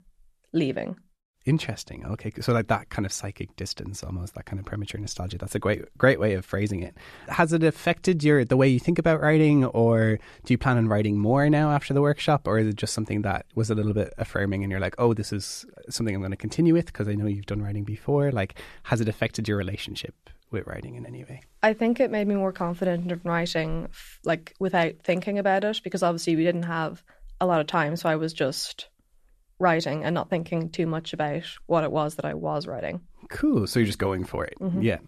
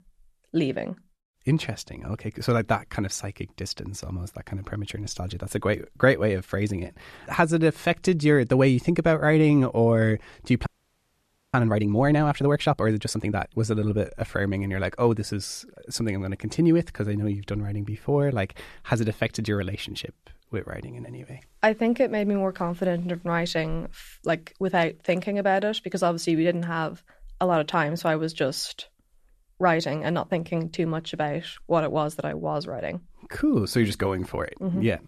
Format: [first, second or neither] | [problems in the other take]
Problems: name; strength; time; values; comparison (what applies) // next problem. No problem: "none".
first | audio freezing; at 11 s for 1 s